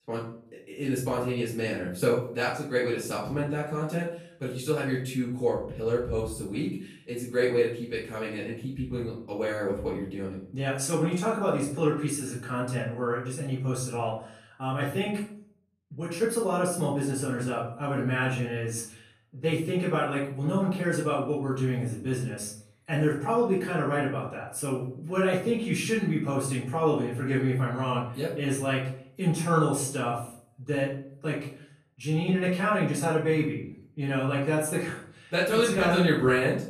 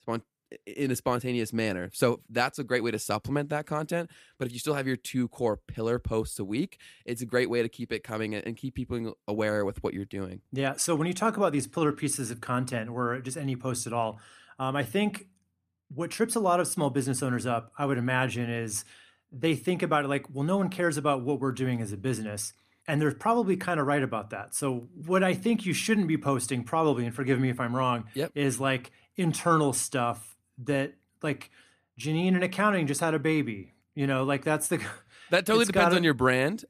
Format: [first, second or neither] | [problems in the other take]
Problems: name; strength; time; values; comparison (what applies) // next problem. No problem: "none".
second | off-mic speech; far // room echo; noticeable; dies away in 0.5 s